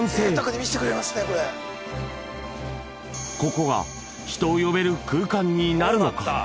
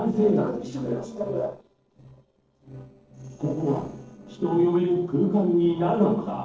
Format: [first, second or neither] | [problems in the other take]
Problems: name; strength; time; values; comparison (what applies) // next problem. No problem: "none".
first | noise reduction (neural separator model SepFormer DNS4)